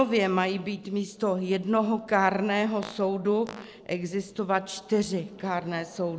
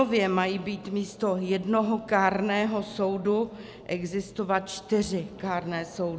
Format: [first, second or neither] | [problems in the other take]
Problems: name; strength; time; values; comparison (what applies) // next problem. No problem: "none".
second | noise reduction (neural separator model SepFormer DNS4)